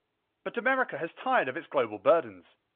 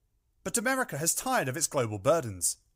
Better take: second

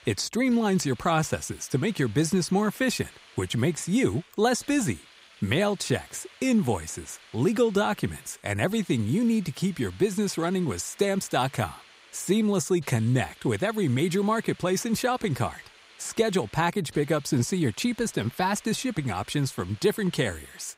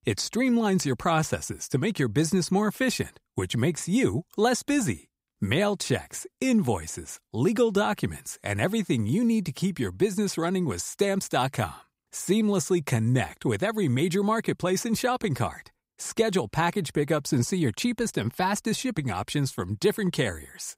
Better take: second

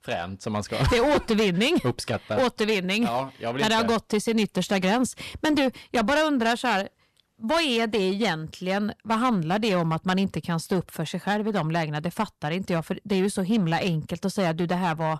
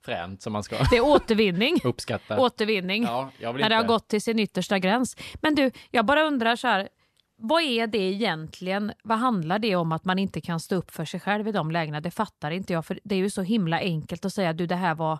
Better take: second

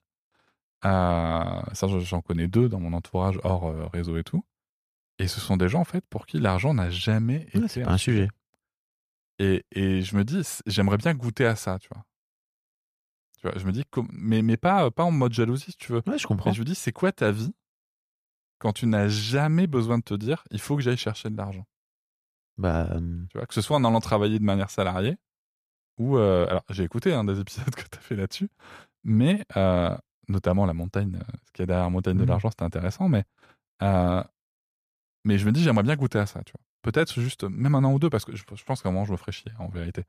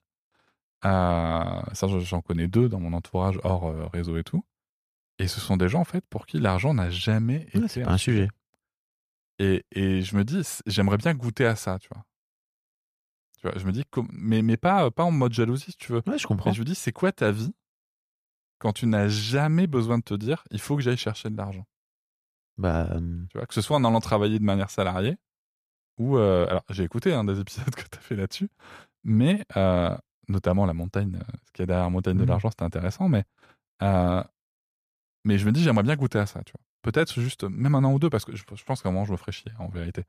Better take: neither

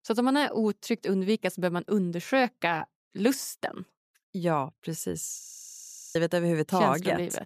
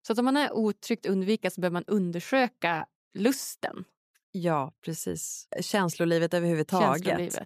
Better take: second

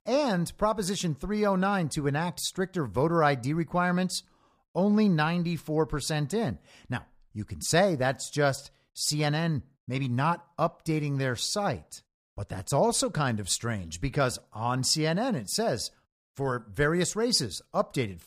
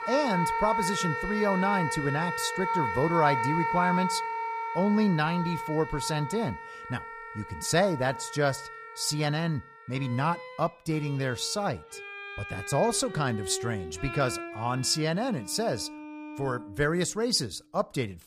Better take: first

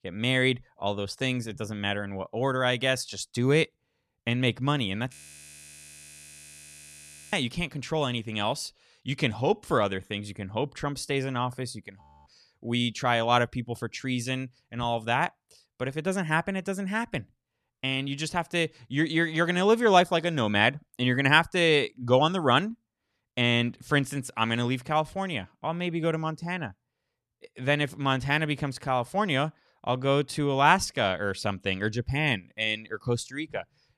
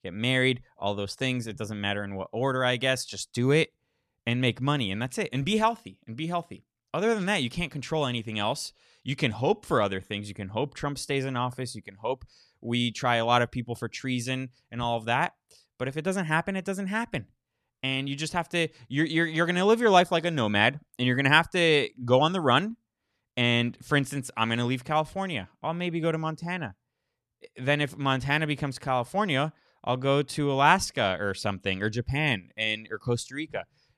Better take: second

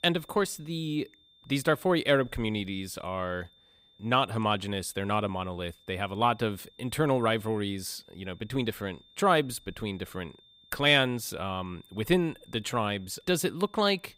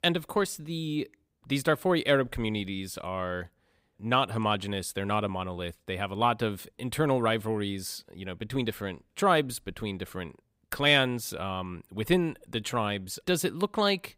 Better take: second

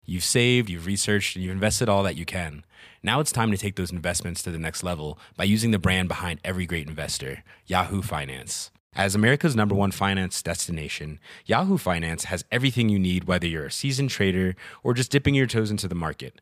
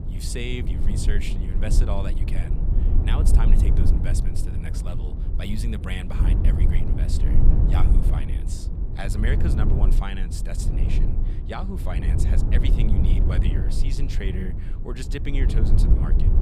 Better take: first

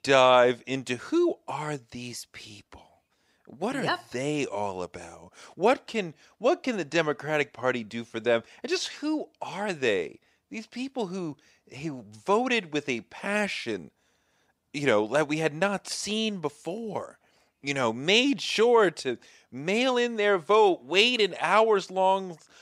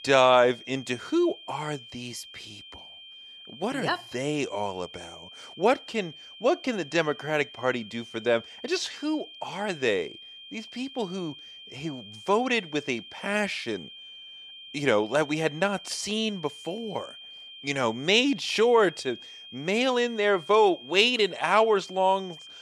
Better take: first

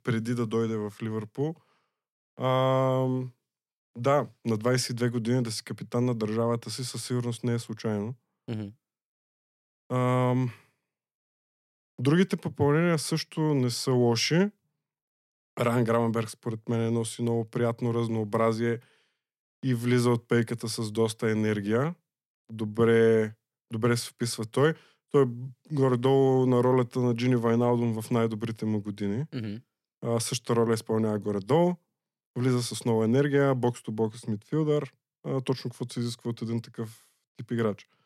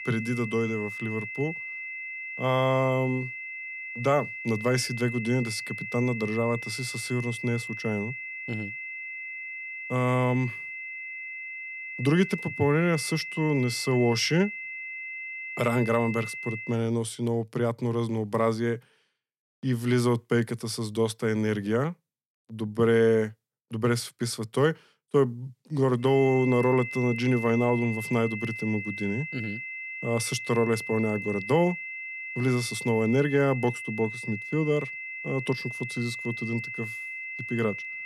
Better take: first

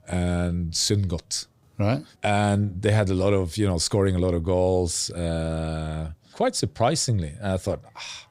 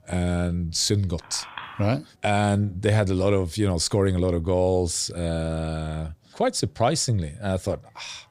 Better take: first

